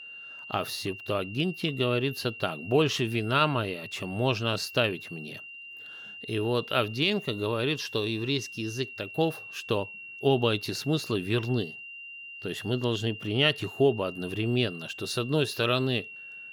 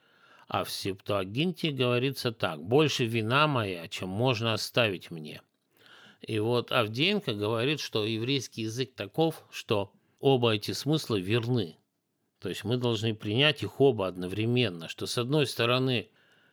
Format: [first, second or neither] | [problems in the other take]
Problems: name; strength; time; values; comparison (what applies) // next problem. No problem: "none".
second | high-pitched whine; noticeable; throughout; 3 kHz, 10 dB below the speech